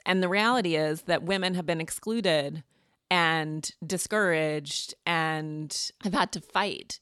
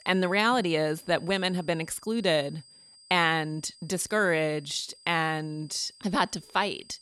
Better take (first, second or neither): first